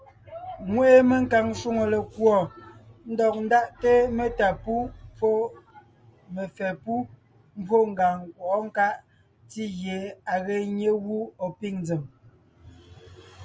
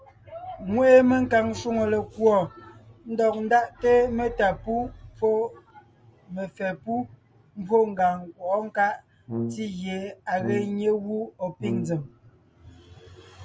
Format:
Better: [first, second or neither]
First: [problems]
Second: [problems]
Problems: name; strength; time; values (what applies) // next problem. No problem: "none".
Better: first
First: none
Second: background sound (Brass instrument); 8 dB below the speech